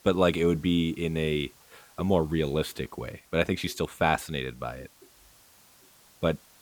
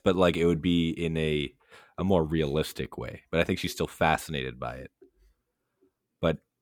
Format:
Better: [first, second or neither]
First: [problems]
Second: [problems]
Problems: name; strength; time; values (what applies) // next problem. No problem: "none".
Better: second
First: hiss; faint; throughout; 25 dB below the speech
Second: none